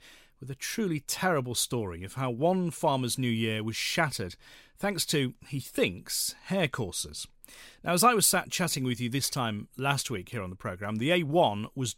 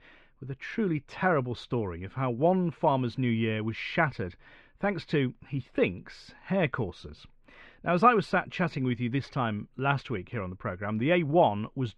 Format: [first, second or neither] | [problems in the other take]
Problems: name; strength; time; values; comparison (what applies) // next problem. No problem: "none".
first | muffled; very; fading above 2.5 kHz